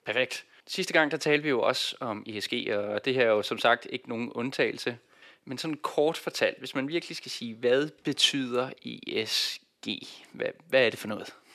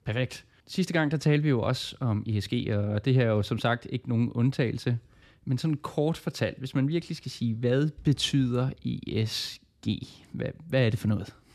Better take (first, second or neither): second